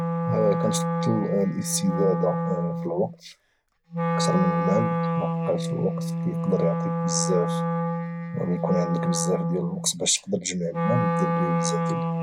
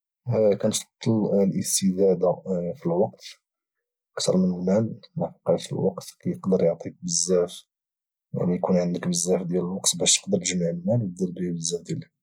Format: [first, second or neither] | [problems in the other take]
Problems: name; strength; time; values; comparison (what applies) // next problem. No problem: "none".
second | background sound (Wind instrument, woodwind instrument); 1 dB above the speech